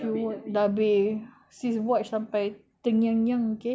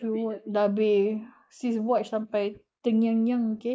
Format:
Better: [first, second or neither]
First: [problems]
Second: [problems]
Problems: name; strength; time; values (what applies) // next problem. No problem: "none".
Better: first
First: none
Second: noise reduction (neural mask model Resemble Enhance denoiser)